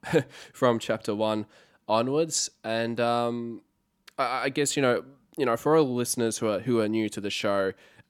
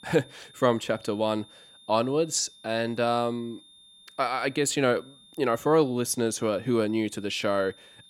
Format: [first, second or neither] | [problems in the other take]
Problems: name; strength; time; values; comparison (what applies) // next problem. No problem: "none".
first | high-pitched whine; faint; throughout; 3.5 kHz, 25 dB below the speech